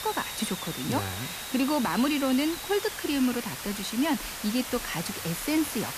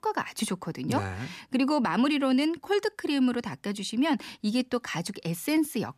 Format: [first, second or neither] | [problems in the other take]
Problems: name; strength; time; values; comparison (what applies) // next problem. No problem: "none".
second | hiss; loud; throughout; 6 dB below the speech